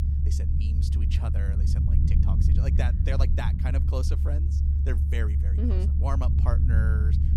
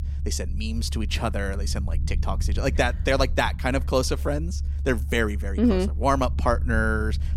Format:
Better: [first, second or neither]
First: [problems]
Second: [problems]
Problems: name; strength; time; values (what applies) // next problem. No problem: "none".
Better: second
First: low rumble; loud; throughout; 2 dB below the speech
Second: low rumble; faint; throughout; 20 dB below the speech